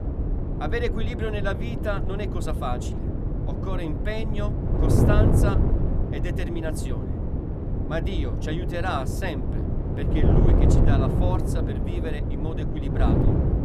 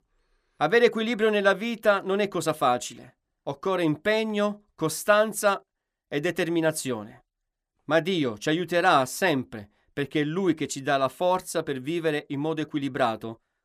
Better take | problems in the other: second | wind noise on the microphone; heavy; 1 dB below the speech

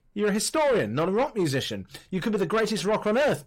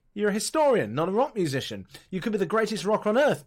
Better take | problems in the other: second | distortion; slight; 10 dB below the speech

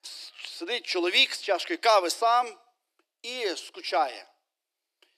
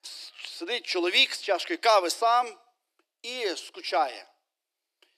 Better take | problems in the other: neither | thin; very; fading below 300 Hz; the same in both

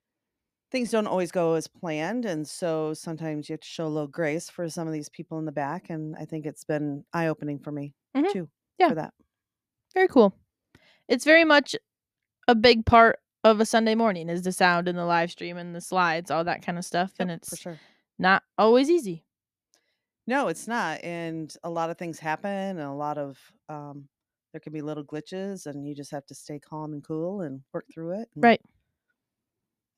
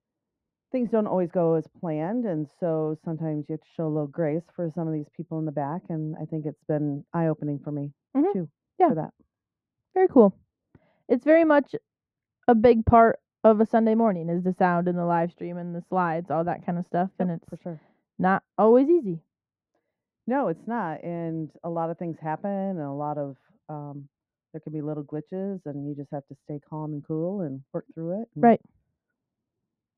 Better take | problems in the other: first | muffled; very; fading above 2.5 kHz

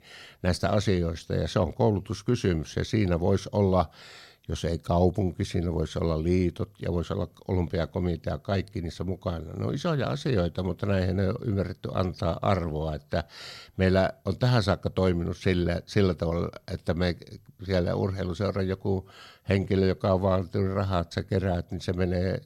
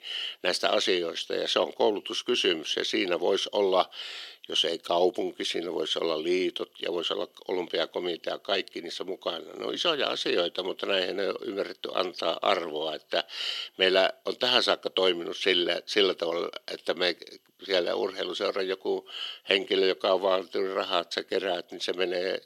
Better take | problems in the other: first | thin; very; fading below 350 Hz

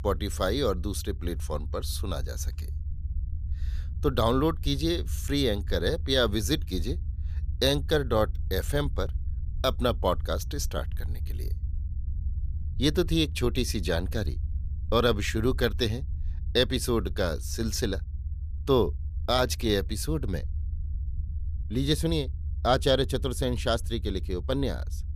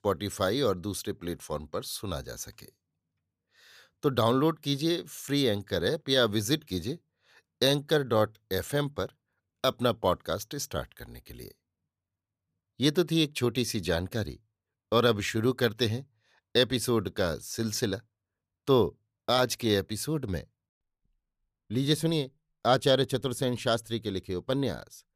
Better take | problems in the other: second | low rumble; faint; throughout; 25 dB below the speech

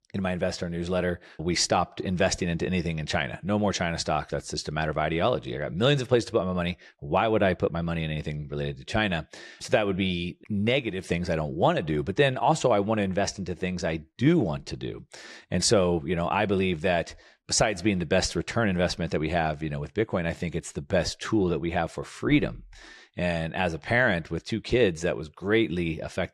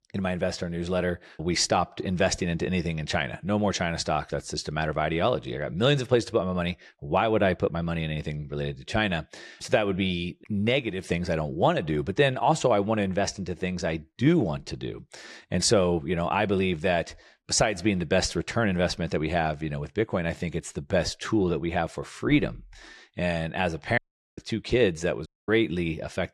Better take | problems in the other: first | audio cutting out; at 24 s and at 25 s

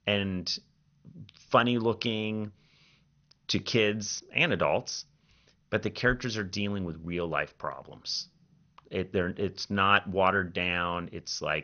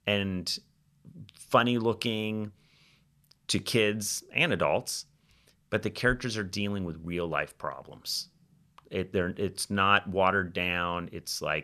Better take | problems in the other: second | garbled, watery; slightly; nothing above 6.5 kHz

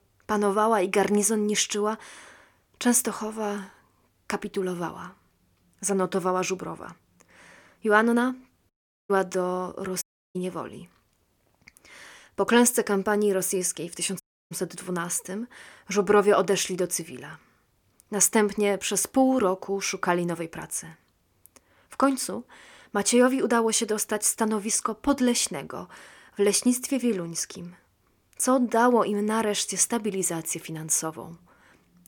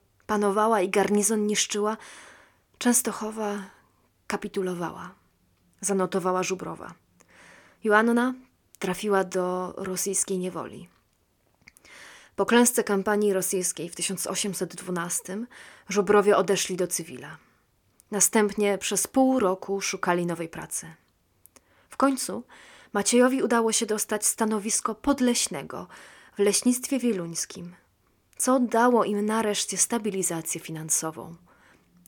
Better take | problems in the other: second | audio cutting out; at 8.5 s, at 10 s and at 14 s

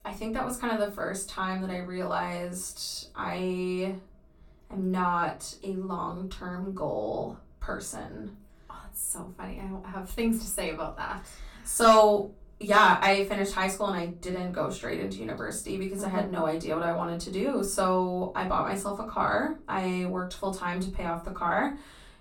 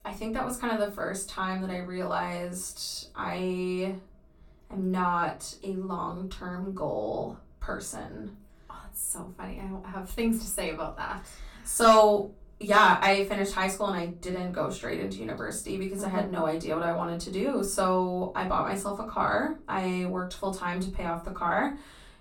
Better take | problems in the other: neither | off-mic speech; far; the same in both // room echo; very slight; dies away in 0.2 s; the same in both

